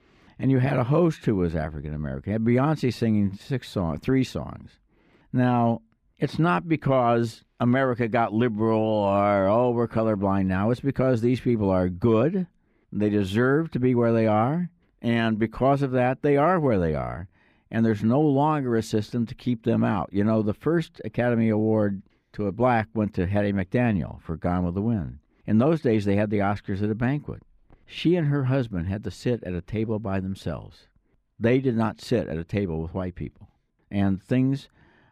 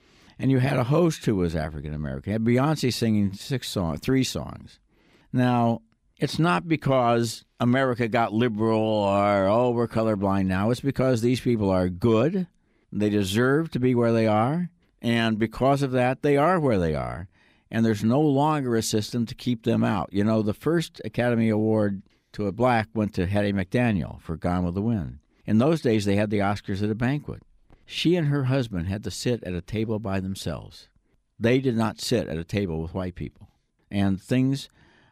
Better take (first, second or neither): second